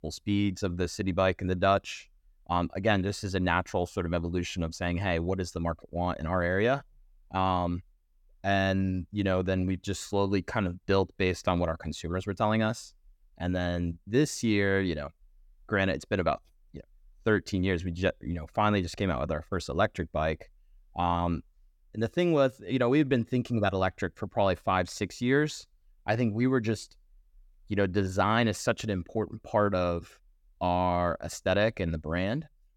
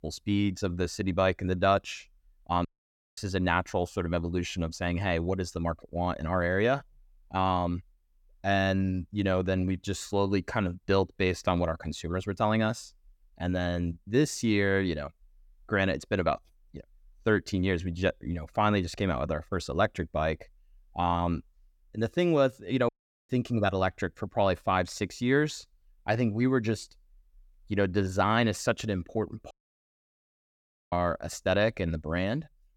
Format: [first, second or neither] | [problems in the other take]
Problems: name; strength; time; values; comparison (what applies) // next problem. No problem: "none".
first | audio cutting out; at 2.5 s for 0.5 s, at 23 s and at 30 s for 1.5 s